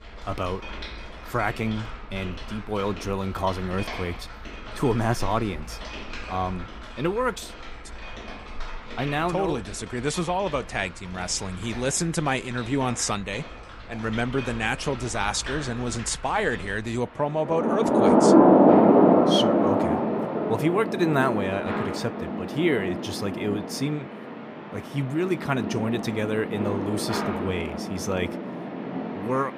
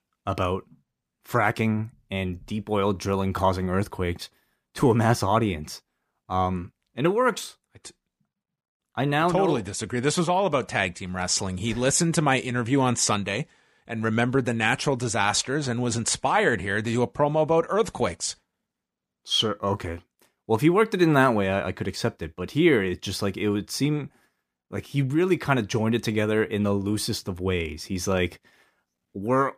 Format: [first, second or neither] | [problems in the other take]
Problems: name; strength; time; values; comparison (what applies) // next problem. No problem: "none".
second | rain or running water; very loud; throughout; 3 dB above the speech